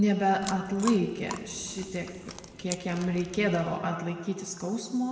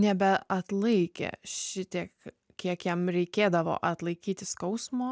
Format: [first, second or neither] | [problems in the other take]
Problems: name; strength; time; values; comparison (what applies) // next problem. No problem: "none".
second | background sound (Chewing, mastication); 13 dB below the speech // room echo; dies away in 1.7 s